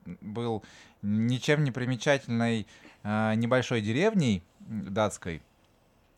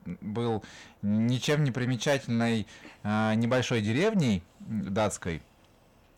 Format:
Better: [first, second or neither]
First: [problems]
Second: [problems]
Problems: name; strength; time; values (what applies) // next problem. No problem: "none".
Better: first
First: none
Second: distortion; slight; 10 dB below the speech